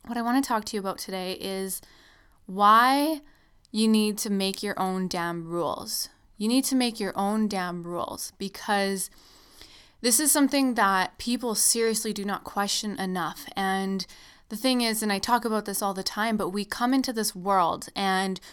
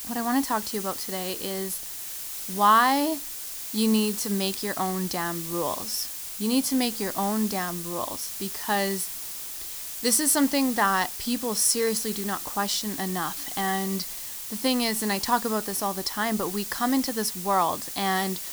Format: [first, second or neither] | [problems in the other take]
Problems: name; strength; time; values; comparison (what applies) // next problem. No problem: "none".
first | hiss; loud; throughout; 6 dB below the speech